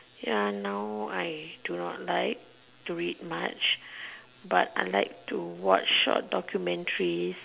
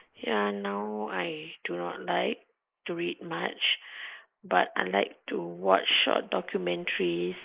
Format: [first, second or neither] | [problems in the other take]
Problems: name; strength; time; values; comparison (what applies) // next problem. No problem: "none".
first | noise reduction (neural mask model Resemble Enhance denoiser)